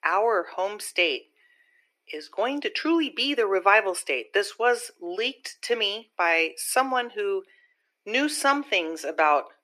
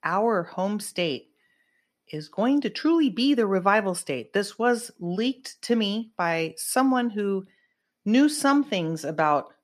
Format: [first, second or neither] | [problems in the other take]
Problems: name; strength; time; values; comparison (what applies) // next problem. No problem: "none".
second | thin; somewhat; fading below 350 Hz